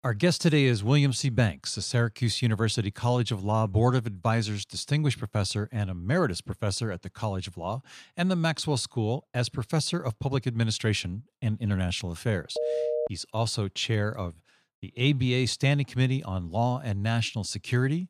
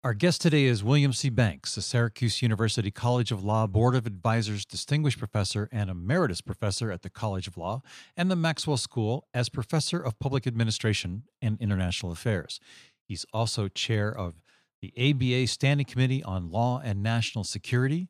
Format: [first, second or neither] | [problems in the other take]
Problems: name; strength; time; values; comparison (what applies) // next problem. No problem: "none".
second | phone ringing; noticeable; at 13 s; peak 1 dB below the speech